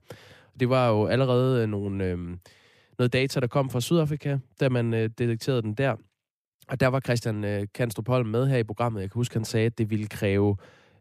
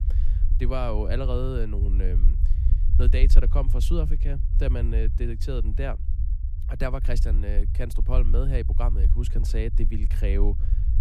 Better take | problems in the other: first | low rumble; noticeable; throughout; 10 dB below the speech

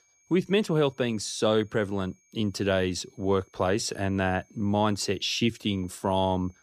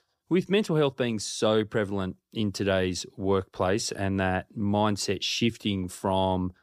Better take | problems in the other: second | high-pitched whine; faint; throughout; 6.5 kHz, 35 dB below the speech

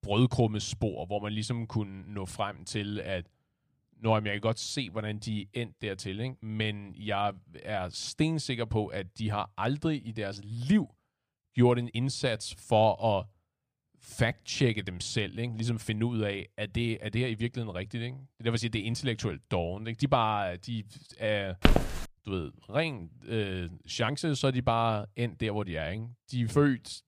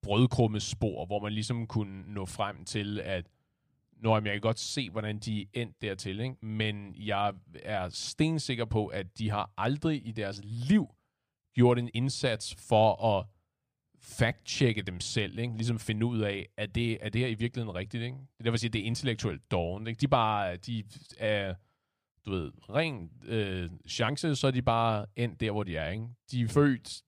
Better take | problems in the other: second | footsteps; loud; at 22 s; peak 5 dB above the speech

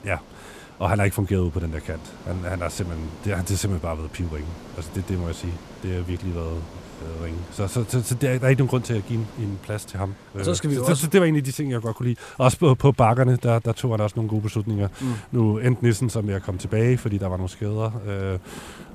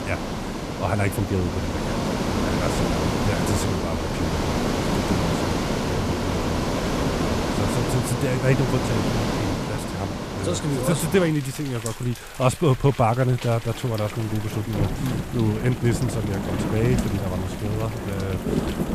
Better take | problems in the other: first | rain or running water; loud; throughout; as loud as the speech; faint in the first

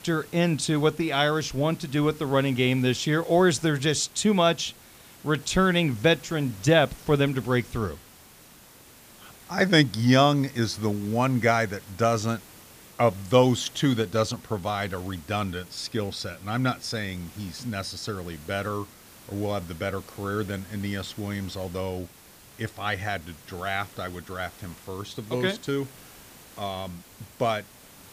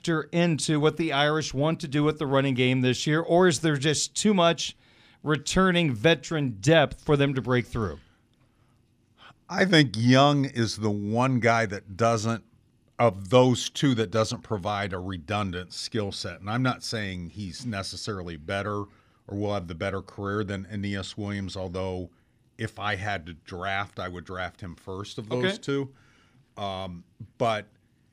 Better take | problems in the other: second | hiss; faint; throughout; 20 dB below the speech

